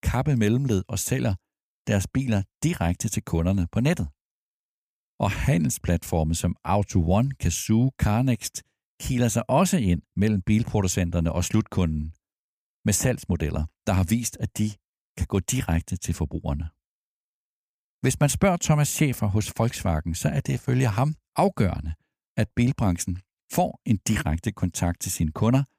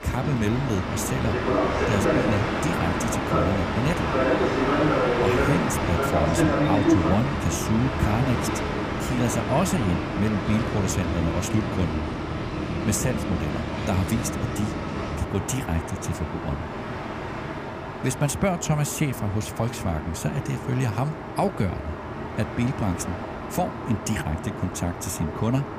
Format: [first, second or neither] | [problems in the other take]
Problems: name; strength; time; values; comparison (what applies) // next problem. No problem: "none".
first | train or aircraft noise; very loud; throughout; as loud as the speech